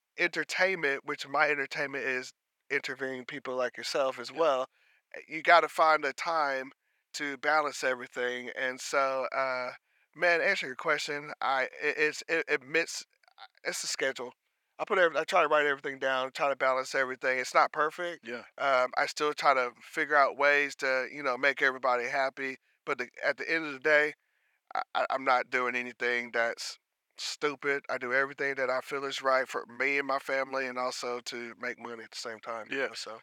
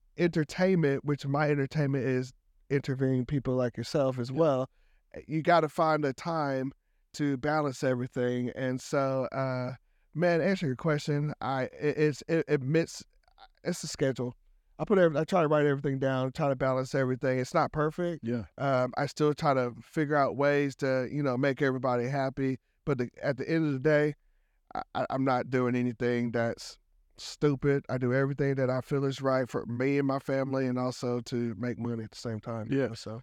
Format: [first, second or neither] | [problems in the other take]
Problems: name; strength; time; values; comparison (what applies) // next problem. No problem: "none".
second | thin; very; fading below 700 Hz